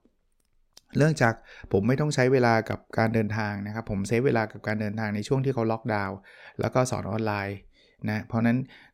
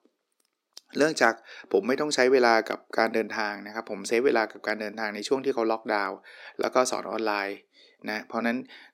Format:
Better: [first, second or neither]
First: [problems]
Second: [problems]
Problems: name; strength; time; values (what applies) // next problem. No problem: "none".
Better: first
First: none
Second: thin; somewhat; fading below 300 Hz